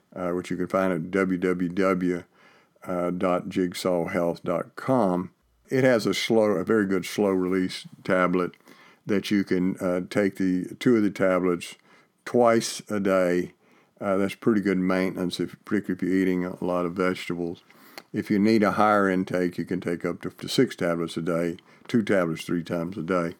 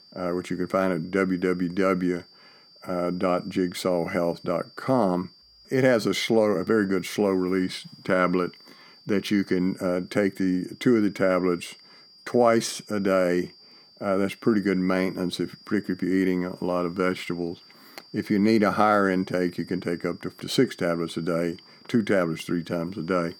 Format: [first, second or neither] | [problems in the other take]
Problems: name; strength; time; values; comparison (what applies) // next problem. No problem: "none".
first | high-pitched whine; faint; throughout; 4.5 kHz, 25 dB below the speech